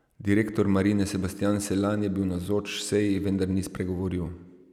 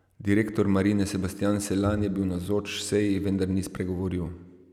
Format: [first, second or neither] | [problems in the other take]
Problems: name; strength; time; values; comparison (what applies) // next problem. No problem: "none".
first | background sound (Bowed string instrument); 17 dB below the speech